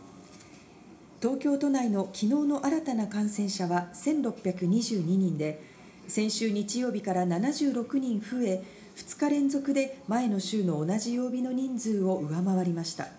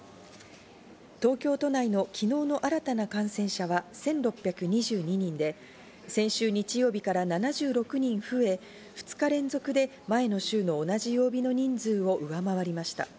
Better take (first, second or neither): second